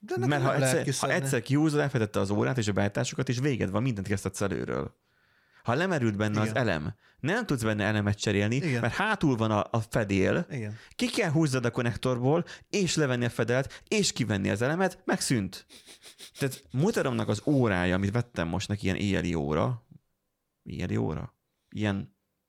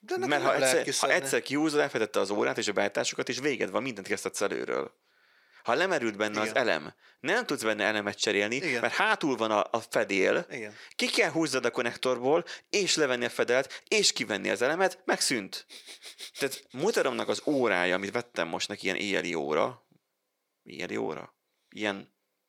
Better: first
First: none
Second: thin; somewhat; fading below 400 Hz

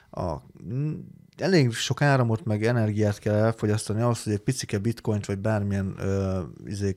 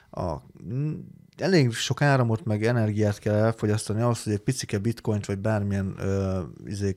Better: neither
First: none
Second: none

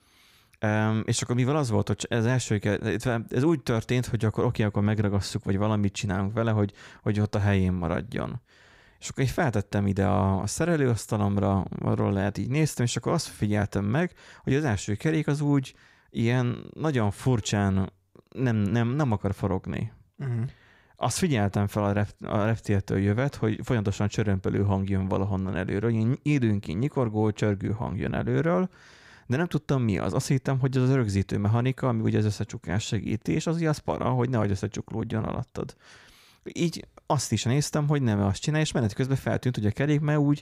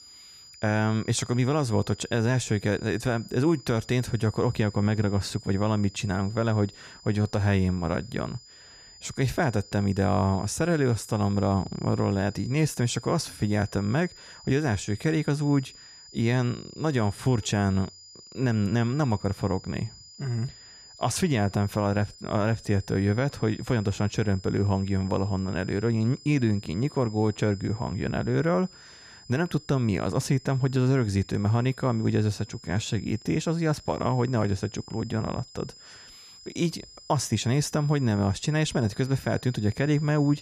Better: first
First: none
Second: high-pitched whine; noticeable; throughout; 5 kHz, 20 dB below the speech

